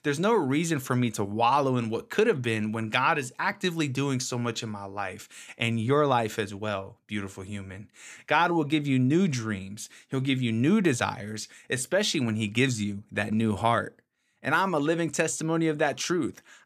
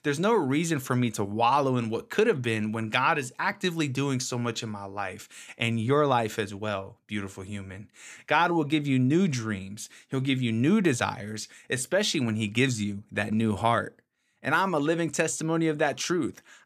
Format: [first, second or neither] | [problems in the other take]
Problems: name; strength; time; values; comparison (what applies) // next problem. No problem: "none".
neither | none